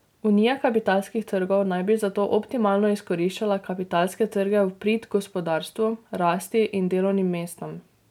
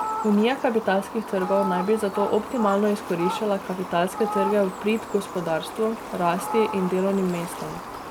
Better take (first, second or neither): first